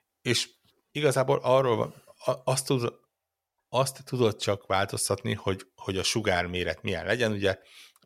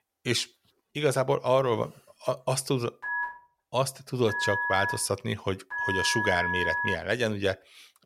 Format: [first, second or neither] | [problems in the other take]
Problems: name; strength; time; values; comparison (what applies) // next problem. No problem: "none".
first | phone ringing; loud; from 3 to 7 s; peak 1 dB above the speech